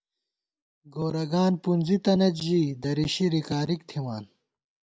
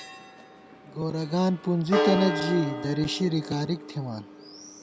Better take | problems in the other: first | background sound (Church bell); 5 dB below the speech

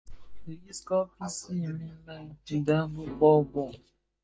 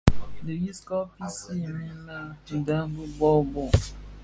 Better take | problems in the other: second | noise reduction (neural mask model DeepFilterNet 3)

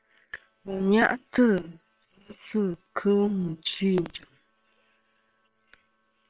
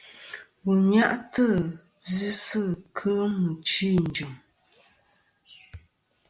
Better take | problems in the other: second | noise reduction (neural separator model SepFormer WHAM!)

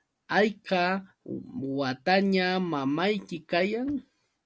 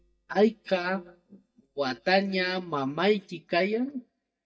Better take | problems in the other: first | noise reduction (neural mask model DeepFilterNet 3)

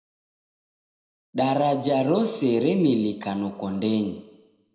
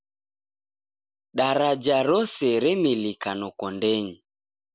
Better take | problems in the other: second | room echo; dies away in 0.8 s

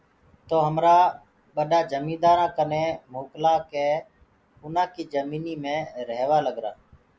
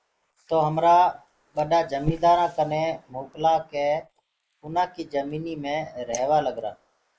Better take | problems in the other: first | noise reduction (neural mask model Resemble Enhance denoiser)

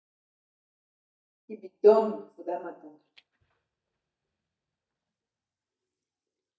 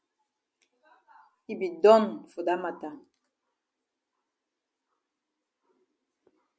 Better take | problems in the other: second | noise reduction (neural mask model DeepFilterNet 3)

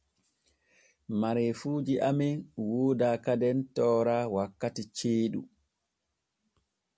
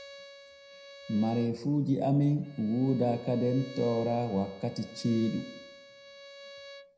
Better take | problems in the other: first | background sound (Bowed string instrument); 19 dB below the speech // room echo; dies away in 0.8 s

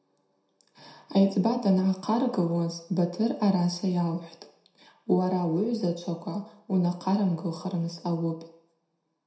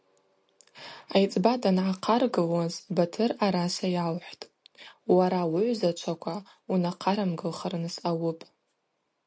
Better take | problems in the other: second | room echo; dies away in 0.6 s

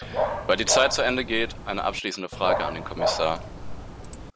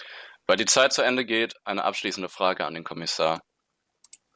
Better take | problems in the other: second | background sound (Dog); 3 dB below the speech

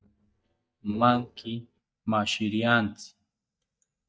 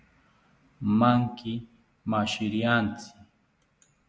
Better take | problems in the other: second | noise reduction (neural mask model DeepFilterNet 3)

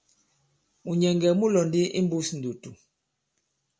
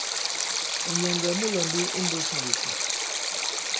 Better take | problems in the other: first | background sound (Stream); 5 dB above the speech

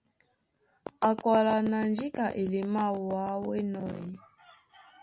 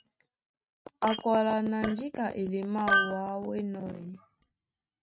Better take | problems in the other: first | noise reduction (neural mask model RNNoise)

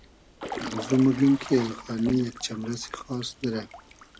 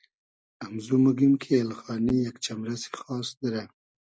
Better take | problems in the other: second | background sound (Drip / Trickle, dribble / Water / Splash, splatter); 14 dB below the speech

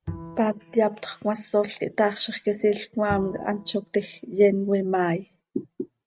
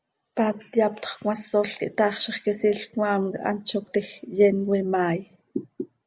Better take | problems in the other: second | noise reduction (neural mask model RNNoise)

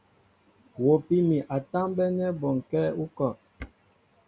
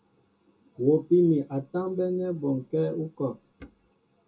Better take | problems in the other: first | room echo; dies away in 0.2 s

